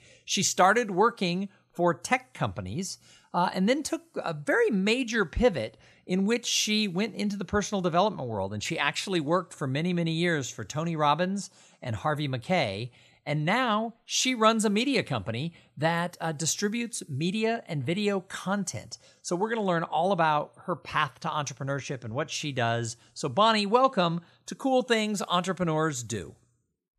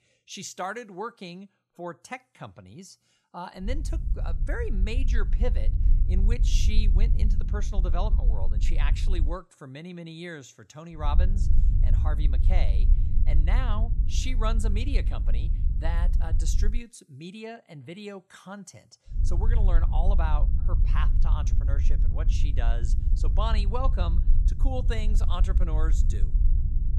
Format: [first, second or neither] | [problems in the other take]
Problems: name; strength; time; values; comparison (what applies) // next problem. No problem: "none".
first | low rumble; loud; from 3.5 to 9.5 s, from 11 to 17 s and from 19 s on; 9 dB below the speech